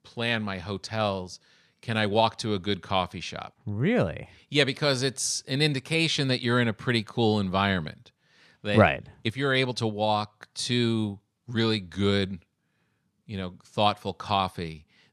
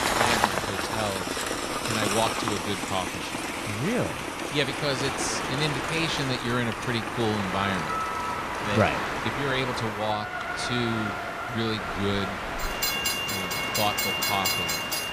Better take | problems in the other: first | train or aircraft noise; very loud; throughout; 2 dB above the speech

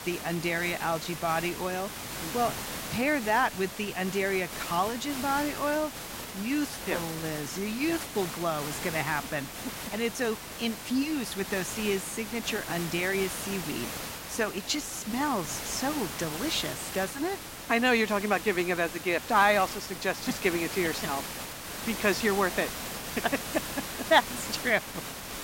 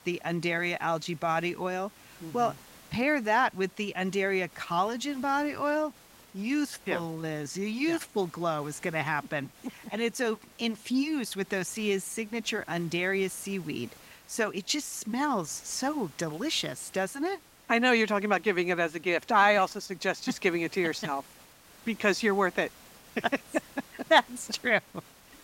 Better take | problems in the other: second | hiss; loud; throughout; 7 dB below the speech; faint in the second

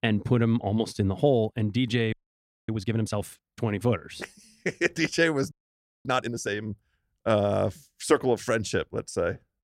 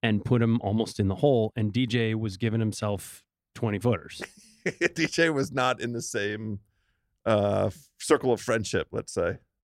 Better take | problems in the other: second | audio freezing; at 2 s for 0.5 s and at 5.5 s for 0.5 s

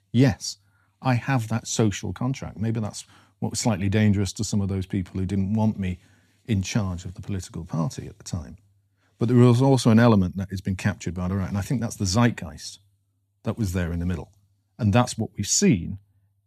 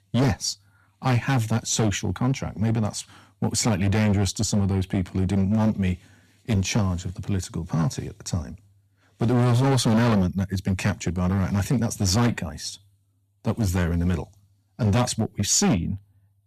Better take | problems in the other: first | distortion; heavy; 11% of the sound clipped

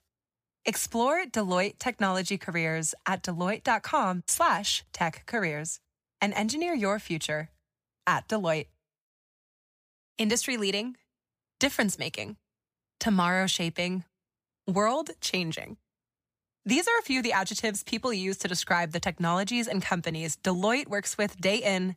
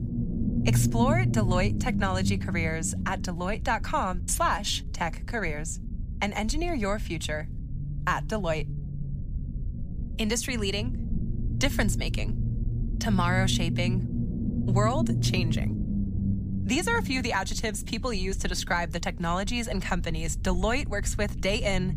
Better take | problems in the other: first | low rumble; noticeable; throughout; 10 dB below the speech

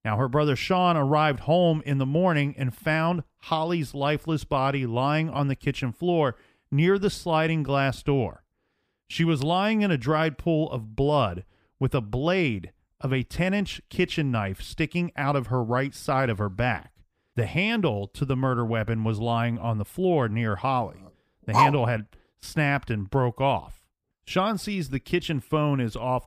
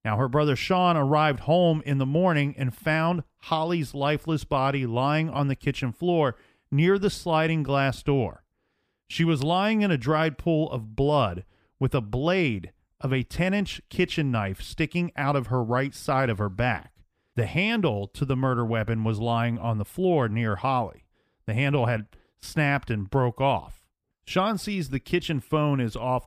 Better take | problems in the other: second | dog barking; loud; at 22 s; peak 4 dB above the speech

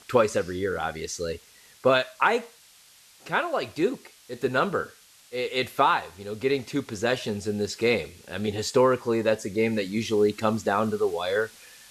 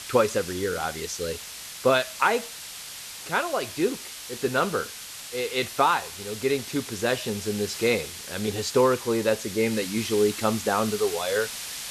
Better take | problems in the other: first | hiss; loud; throughout; 9 dB below the speech; faint in the first

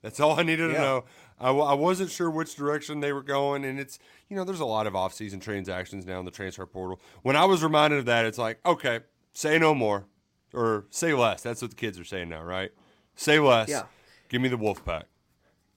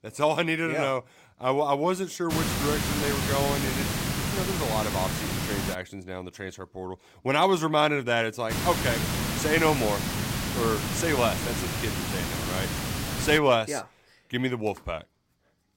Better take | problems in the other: first | hiss; loud; from 2.5 to 5.5 s and from 8.5 to 13 s; 1 dB below the speech

